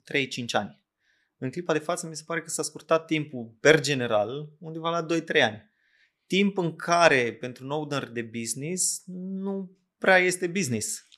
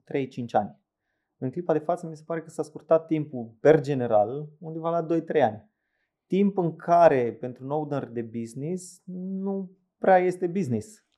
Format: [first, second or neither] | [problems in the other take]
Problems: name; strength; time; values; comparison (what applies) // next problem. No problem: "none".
first | muffled; very; fading above 1.5 kHz